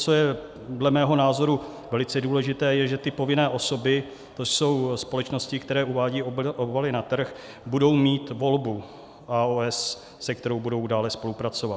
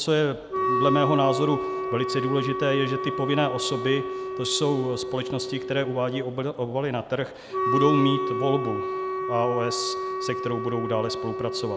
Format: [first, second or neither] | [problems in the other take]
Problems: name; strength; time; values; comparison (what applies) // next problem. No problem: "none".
first | background sound (Wind instrument, woodwind instrument); 3 dB below the speech